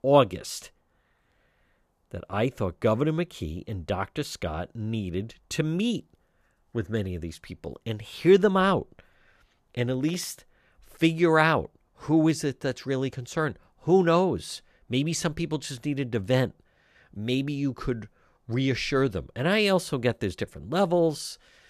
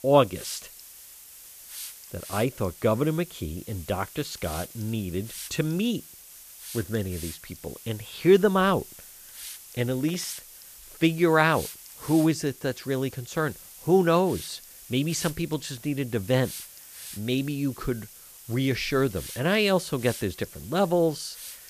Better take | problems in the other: first | hiss; noticeable; throughout; 15 dB below the speech

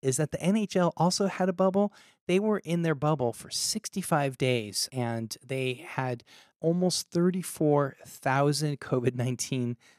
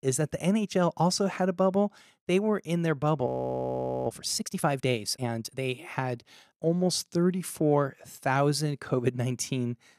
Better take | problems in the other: first | audio freezing; at 3.5 s for 1 s

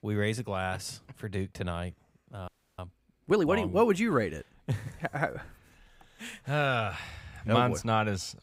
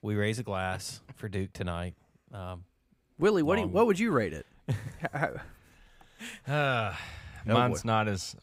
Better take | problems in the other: second | audio freezing; at 2.5 s

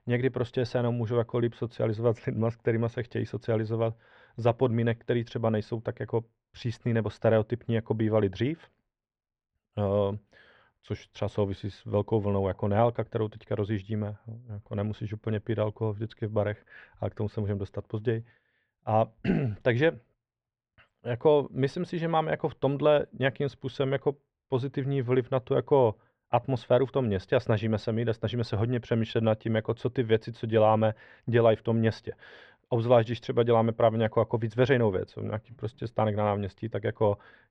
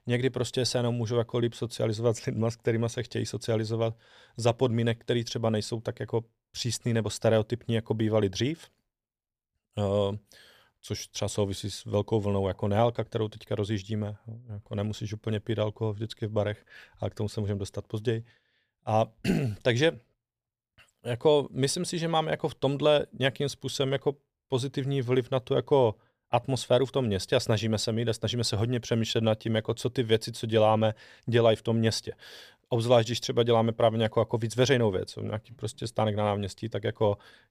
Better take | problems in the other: second | muffled; very; fading above 2 kHz

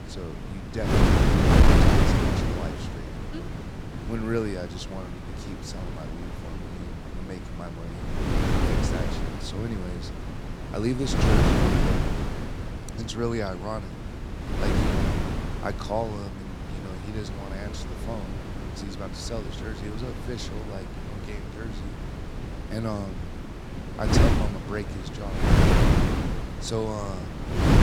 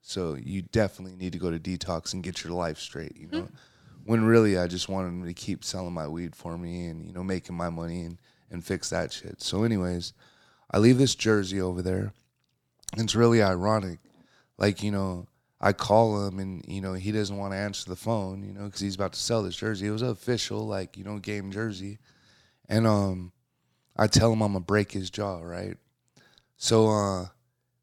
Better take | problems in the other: second | wind noise on the microphone; heavy; 4 dB above the speech

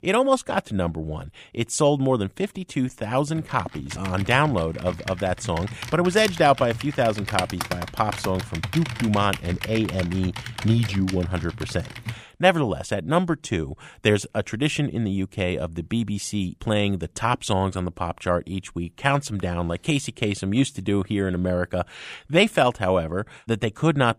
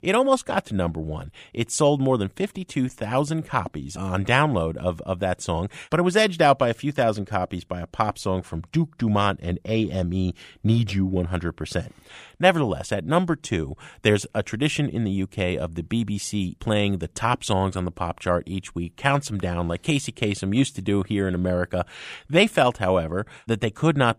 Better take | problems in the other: second | keyboard typing; noticeable; from 3.5 to 12 s; peak 3 dB below the speech

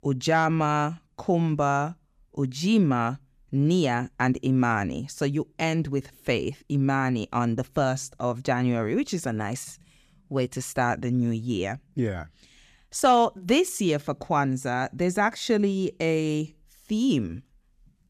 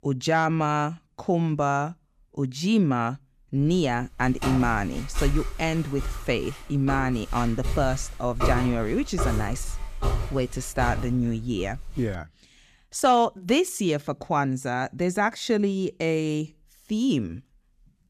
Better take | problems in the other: first | footsteps; noticeable; from 3.5 to 12 s; peak 1 dB below the speech

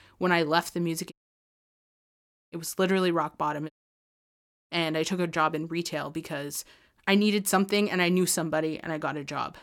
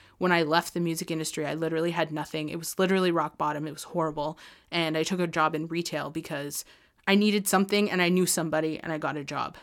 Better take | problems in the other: second | audio cutting out; at 1 s for 1.5 s and at 3.5 s for 1 s

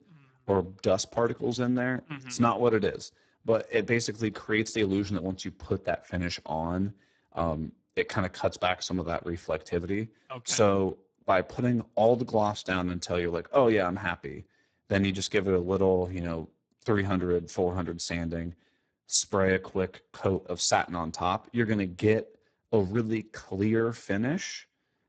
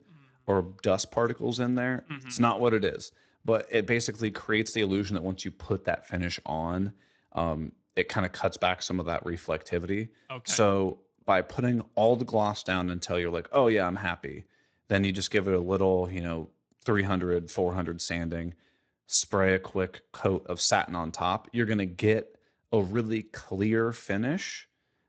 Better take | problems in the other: second | garbled, watery; badly; nothing above 8 kHz; slightly in the second

